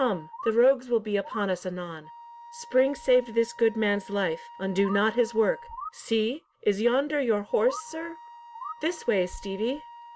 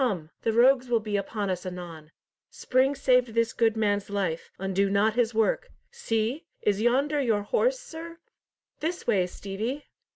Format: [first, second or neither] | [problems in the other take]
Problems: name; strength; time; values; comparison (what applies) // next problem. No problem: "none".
second | background sound (Wind instrument, woodwind instrument + Bird); 17 dB below the speech